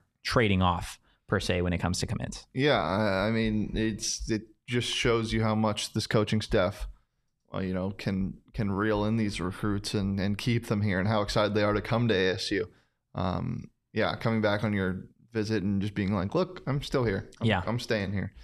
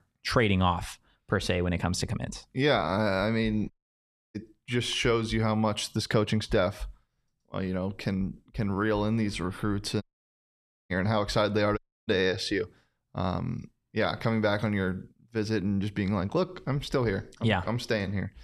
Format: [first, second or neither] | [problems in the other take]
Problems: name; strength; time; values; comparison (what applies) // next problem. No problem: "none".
first | audio cutting out; at 3.5 s for 0.5 s, at 10 s for 1 s and at 12 s